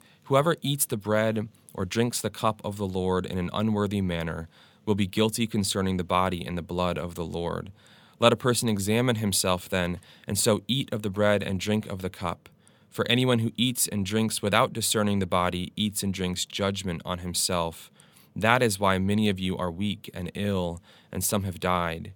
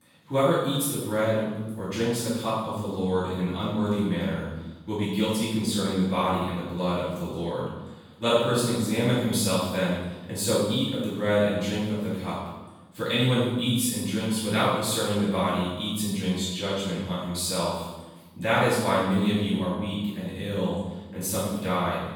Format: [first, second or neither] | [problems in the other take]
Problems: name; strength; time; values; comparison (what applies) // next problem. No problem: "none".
first | off-mic speech; far // room echo; strong; dies away in 1 s